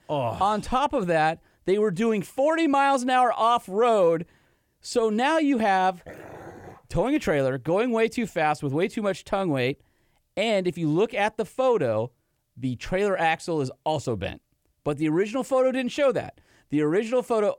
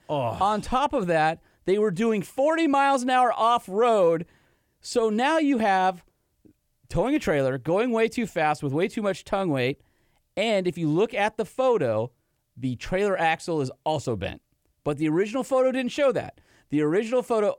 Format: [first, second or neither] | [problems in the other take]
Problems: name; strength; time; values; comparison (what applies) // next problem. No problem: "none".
second | dog barking; faint; at 6 s; peak 20 dB below the speech